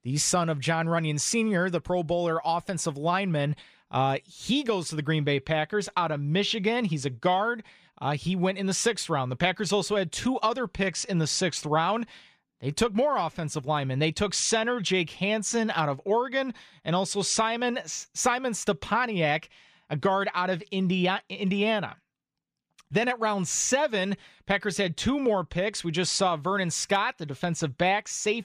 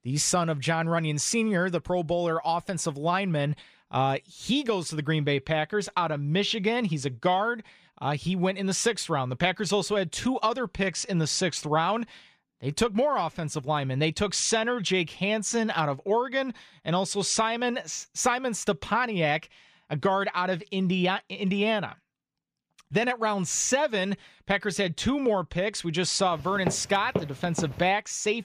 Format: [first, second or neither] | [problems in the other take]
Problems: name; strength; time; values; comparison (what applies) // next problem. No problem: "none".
first | footsteps; noticeable; from 26 to 28 s; peak 6 dB below the speech